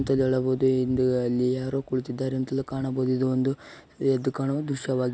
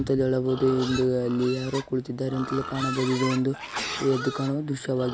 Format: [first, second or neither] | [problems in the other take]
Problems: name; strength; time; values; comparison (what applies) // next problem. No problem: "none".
first | background sound (Livestock, farm animals, working animals + Sneeze); 10 dB below the speech